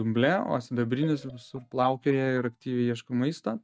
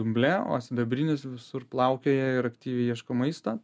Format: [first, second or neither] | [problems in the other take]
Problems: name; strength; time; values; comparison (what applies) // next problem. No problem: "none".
second | noise reduction (neural mask model DeepFilterNet 3)